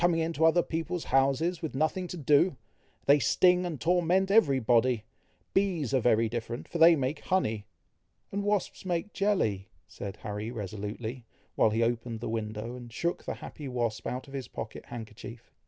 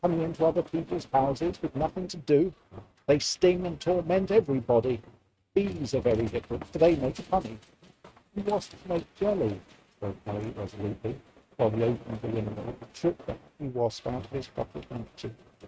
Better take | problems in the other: first | noise reduction (neural mask model RNNoise)

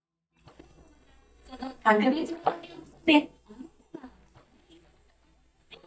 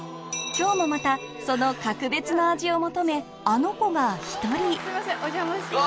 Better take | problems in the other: second | noise reduction (neural mask model DeepFilterNet 3)

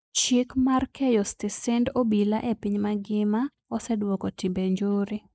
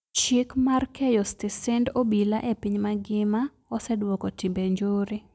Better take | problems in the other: second | noise reduction (neural mask model Resemble Enhance denoiser)

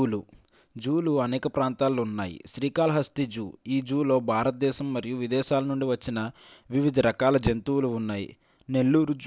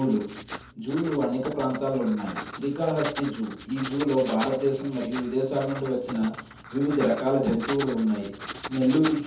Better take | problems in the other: first | background sound (Writing); 12 dB below the speech // room echo; dies away in 0.6 s

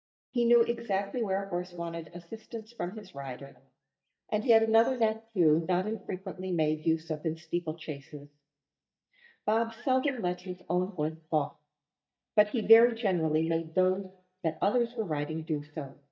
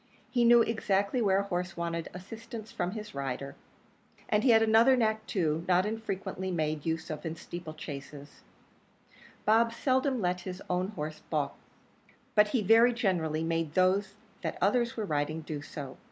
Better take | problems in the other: second | noise reduction (neural mask model DeepFilterNet 3)

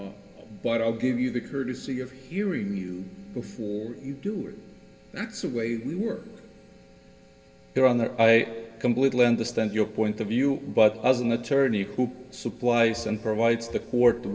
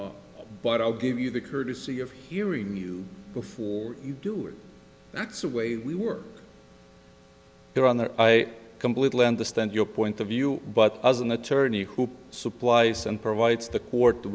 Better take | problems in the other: second | room echo; dies away in 2 s

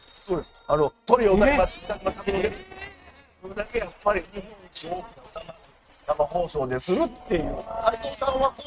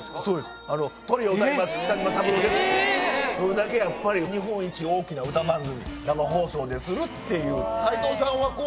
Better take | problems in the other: second | noise reduction (neural mask model RNNoise)

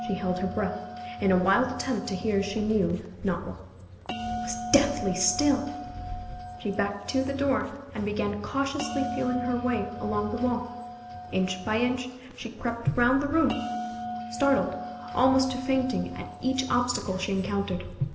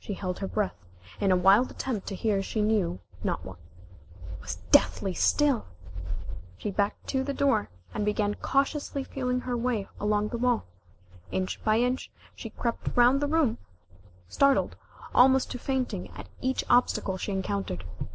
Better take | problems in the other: second | background sound (Bell); 11 dB below the speech // room echo; dies away in 1.4 s

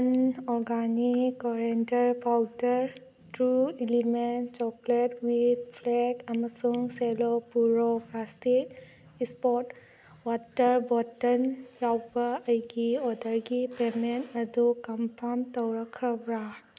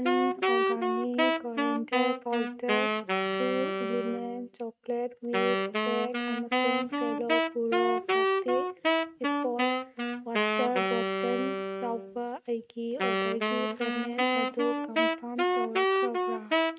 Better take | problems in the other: first | noise reduction (neural mask model RNNoise)

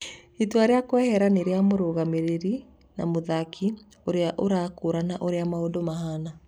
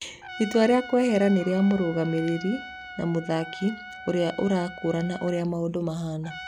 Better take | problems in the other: first | background sound (Trumpet); 15 dB below the speech

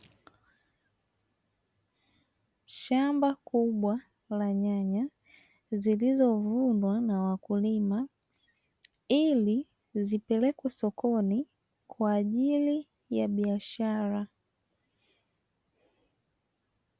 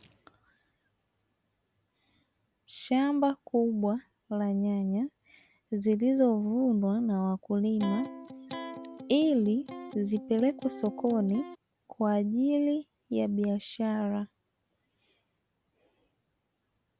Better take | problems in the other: first | background sound (Electric guitar); 11 dB below the speech

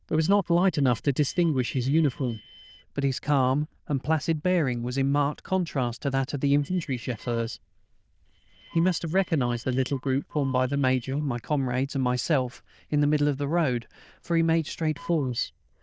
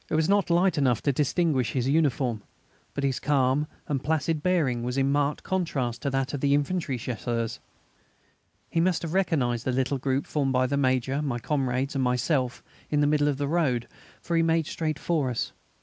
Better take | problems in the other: second | noise reduction (neural diffusion model UNIVERSE++)

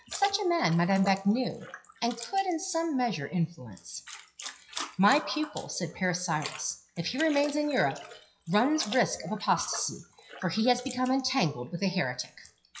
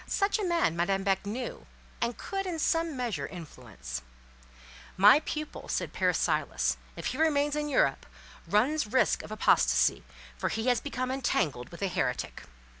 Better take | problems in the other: second | noise reduction (classical method WPE with log-MMSE)

